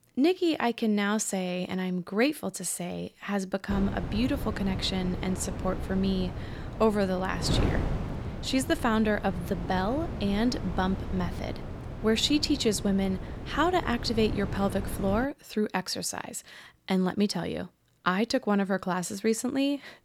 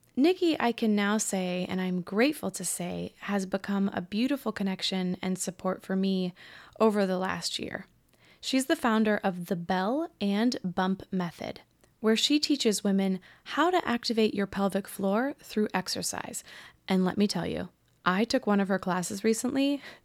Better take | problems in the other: second | wind noise on the microphone; occasional gusts; from 3.5 to 15 s; 10 dB below the speech

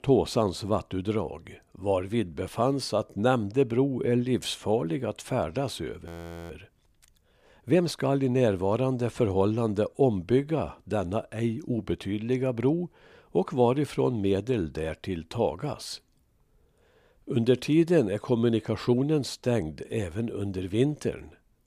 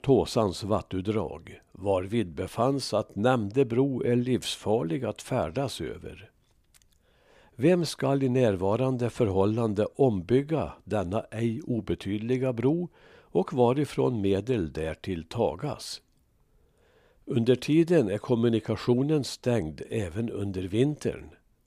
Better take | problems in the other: second | audio freezing; at 6 s

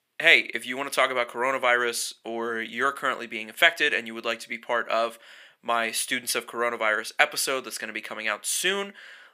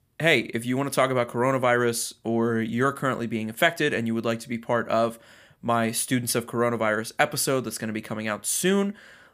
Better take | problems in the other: second | thin; somewhat; fading below 400 Hz

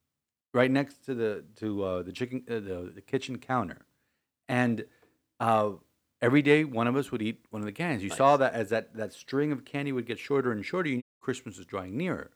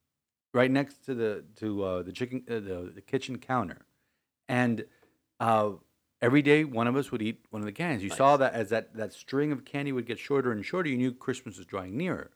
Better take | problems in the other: second | audio cutting out; at 11 s

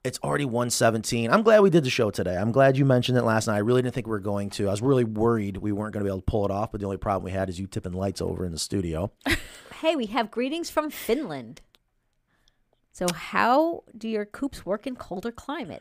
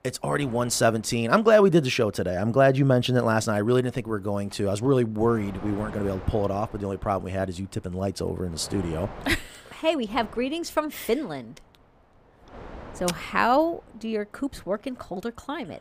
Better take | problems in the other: first | wind noise on the microphone; occasional gusts; 20 dB below the speech

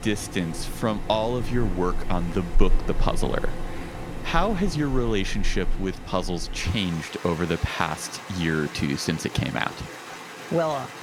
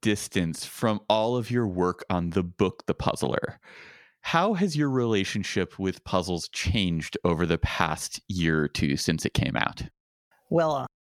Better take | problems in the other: second | rain or running water; loud; throughout; 8 dB below the speech

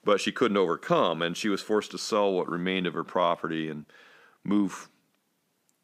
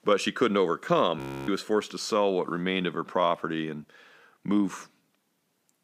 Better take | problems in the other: first | audio freezing; at 1 s

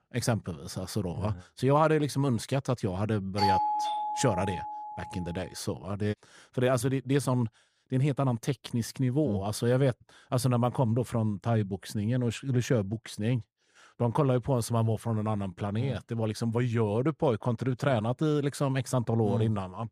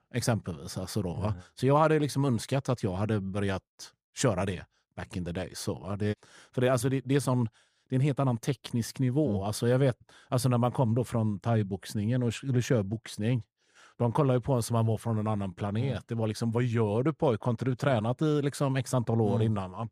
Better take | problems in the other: second | doorbell; loud; from 3.5 to 5 s; peak 3 dB above the speech

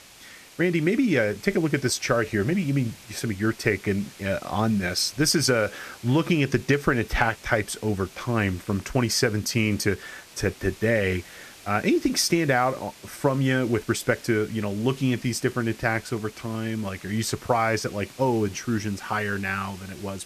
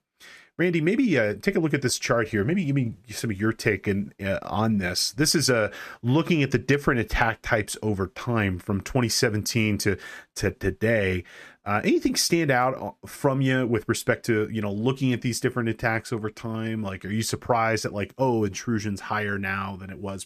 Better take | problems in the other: second | hiss; faint; throughout; 20 dB below the speech

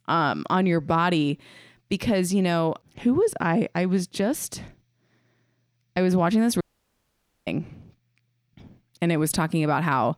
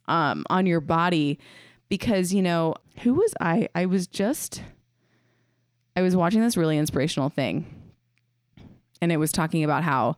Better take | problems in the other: second | audio cutting out; at 6.5 s for 1 s

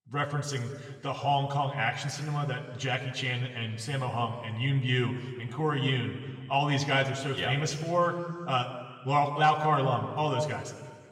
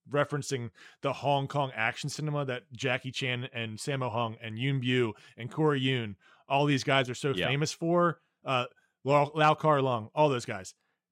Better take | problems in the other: second | room echo; noticeable; dies away in 1.5 s // off-mic speech; somewhat distant

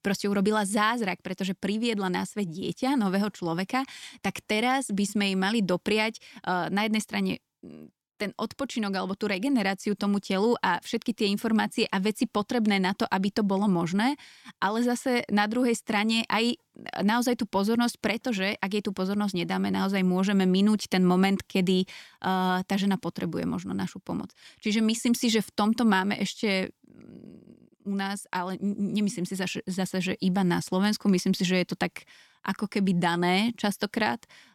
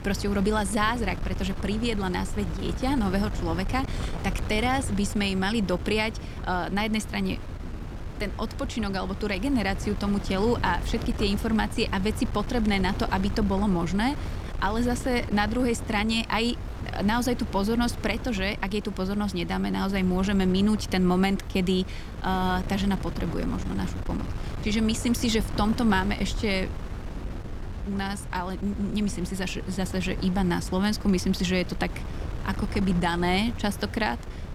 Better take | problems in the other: first | wind noise on the microphone; occasional gusts; 15 dB below the speech

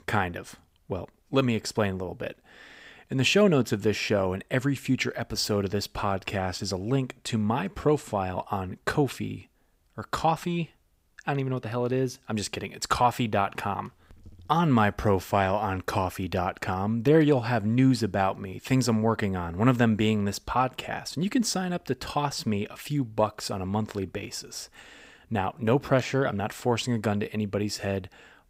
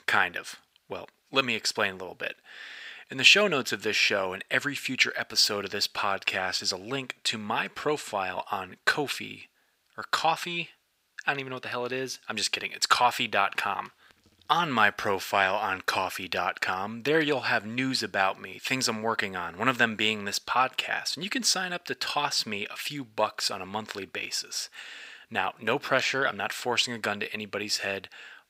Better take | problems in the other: first | thin; somewhat; fading below 850 Hz

